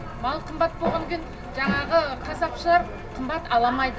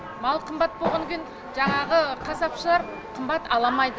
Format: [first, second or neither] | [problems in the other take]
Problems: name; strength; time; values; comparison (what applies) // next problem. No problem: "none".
second | background sound (Engine); 13 dB below the speech // room echo; dies away in 0.4 s